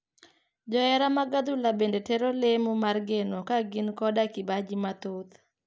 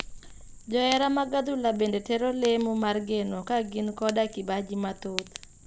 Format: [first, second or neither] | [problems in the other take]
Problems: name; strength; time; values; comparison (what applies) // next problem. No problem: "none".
first | background sound (Fire); 16 dB below the speech